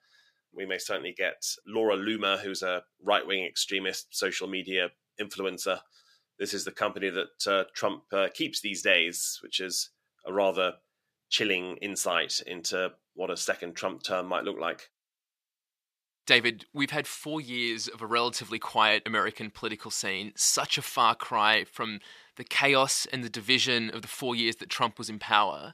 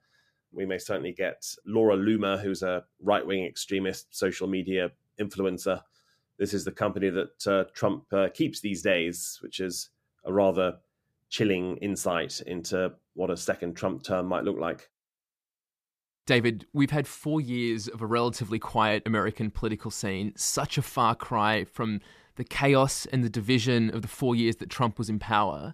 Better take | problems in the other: second | thin; somewhat; fading below 750 Hz

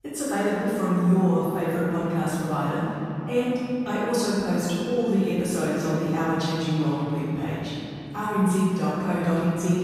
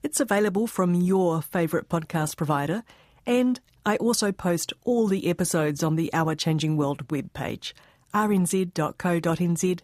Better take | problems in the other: second | room echo; strong; dies away in 3 s // off-mic speech; far

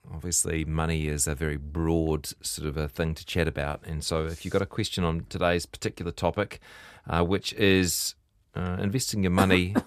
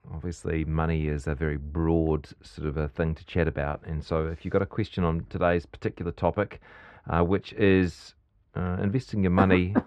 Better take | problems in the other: first | muffled; very; fading above 2 kHz

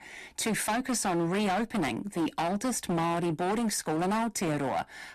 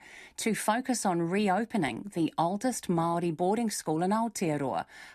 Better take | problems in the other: second | distortion; heavy; 23% of the sound clipped

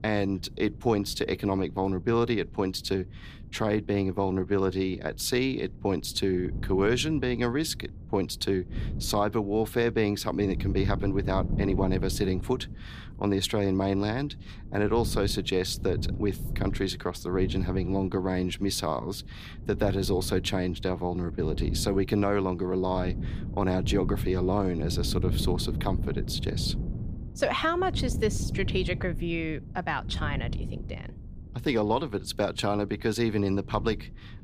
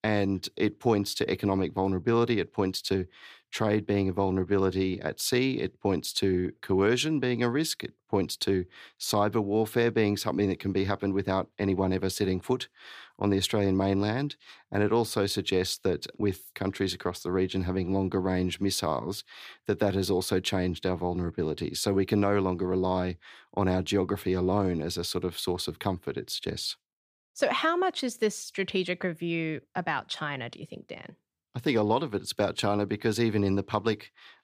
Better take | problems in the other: second | wind noise on the microphone; occasional gusts; 15 dB below the speech

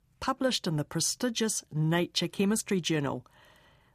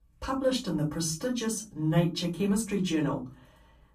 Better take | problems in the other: first | off-mic speech; far // room echo; very slight; dies away in 0.3 s

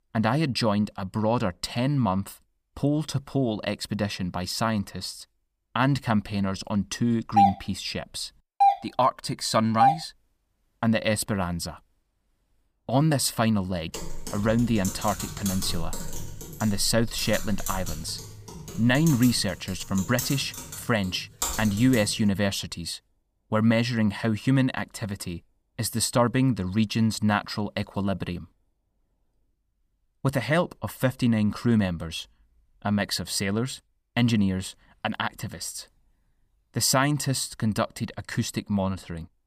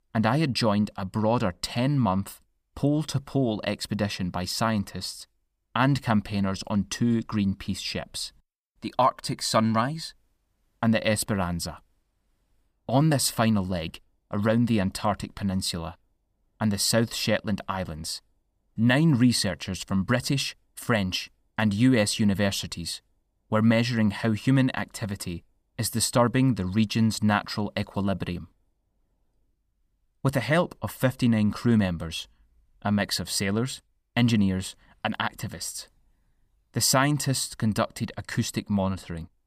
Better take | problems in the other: second | doorbell; loud; from 7.5 to 10 s; peak 5 dB above the speech // keyboard typing; noticeable; from 14 to 22 s; peak 3 dB below the speech

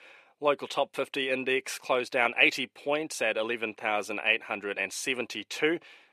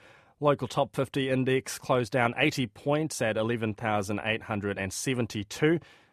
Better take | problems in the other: second | thin; somewhat; fading below 400 Hz

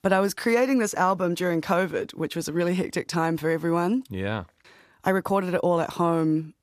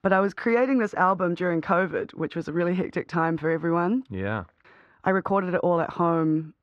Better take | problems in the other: first | muffled; very; fading above 2.5 kHz

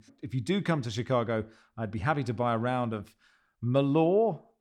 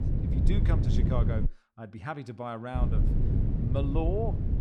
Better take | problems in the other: first | wind noise on the microphone; heavy; until 1.5 s and from 3 s on; 4 dB below the speech

